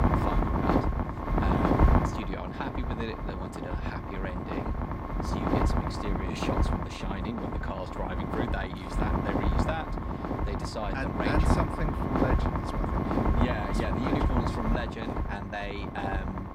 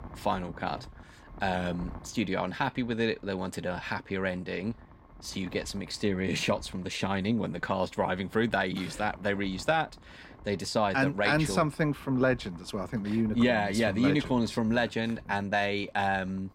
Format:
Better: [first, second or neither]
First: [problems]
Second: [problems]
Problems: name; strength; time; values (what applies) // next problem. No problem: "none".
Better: second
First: wind noise on the microphone; heavy; 5 dB above the speech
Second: wind noise on the microphone; occasional gusts; 25 dB below the speech